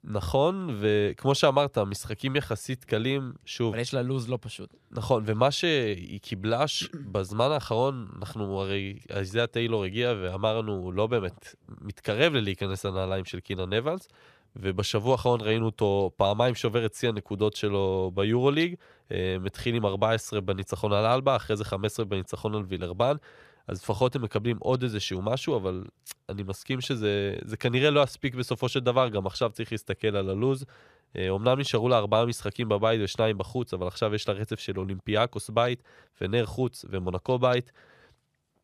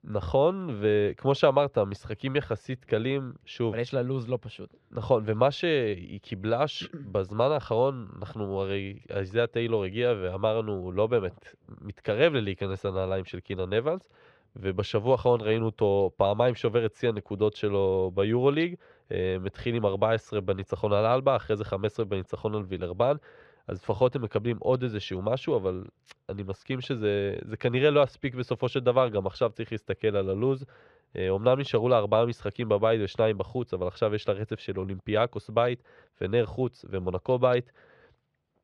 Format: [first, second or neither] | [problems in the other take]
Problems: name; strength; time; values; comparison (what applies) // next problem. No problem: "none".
first | muffled; slightly; fading above 3 kHz